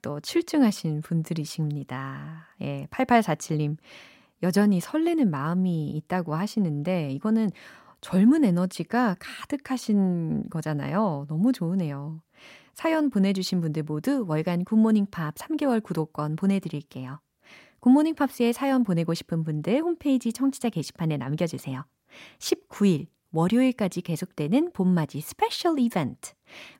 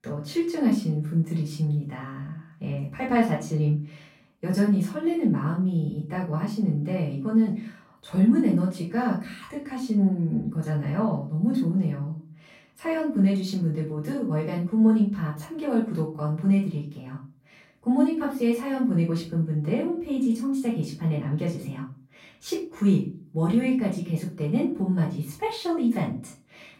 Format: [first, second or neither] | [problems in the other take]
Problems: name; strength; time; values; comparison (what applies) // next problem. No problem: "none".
first | off-mic speech; far // room echo; noticeable; dies away in 0.3 s